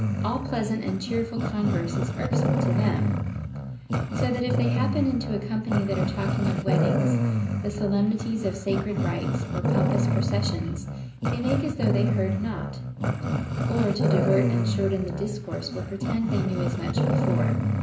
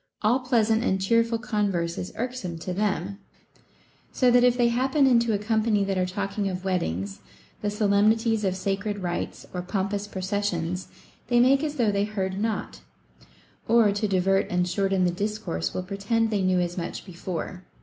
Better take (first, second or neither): second